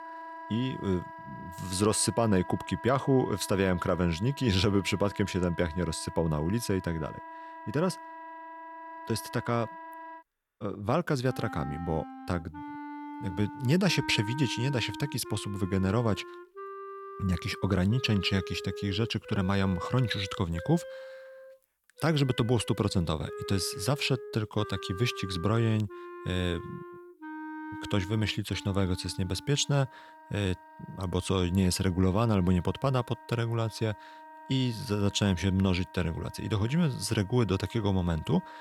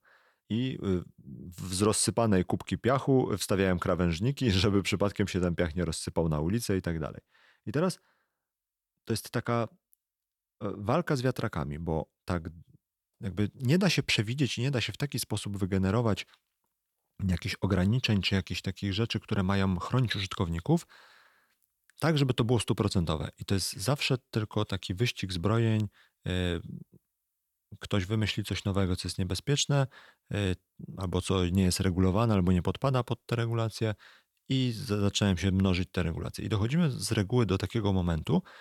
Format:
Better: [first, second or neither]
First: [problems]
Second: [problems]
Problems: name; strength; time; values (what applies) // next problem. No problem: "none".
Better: second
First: background music; noticeable; throughout; 15 dB below the speech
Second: none